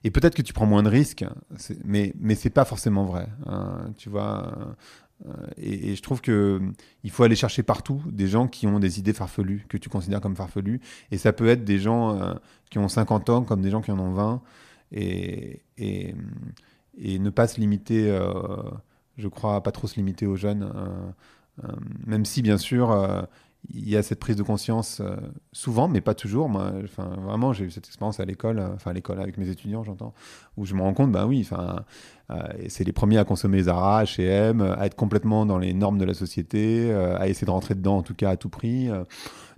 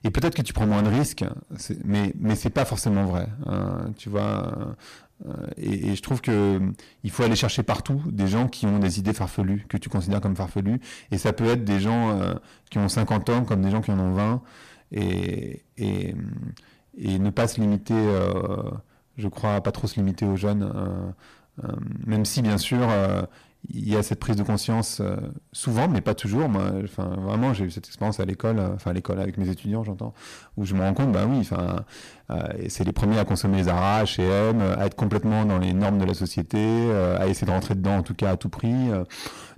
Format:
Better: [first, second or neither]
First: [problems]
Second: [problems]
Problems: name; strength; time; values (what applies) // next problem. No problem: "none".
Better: first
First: none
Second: distortion; heavy; 12% of the sound clipped